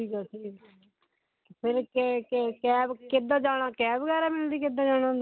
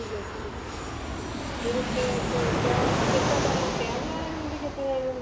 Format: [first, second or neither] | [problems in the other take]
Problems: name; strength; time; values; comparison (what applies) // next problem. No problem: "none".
first | background sound (Fixed-wing aircraft, airplane); 4 dB above the speech // room echo; dies away in 0.6 s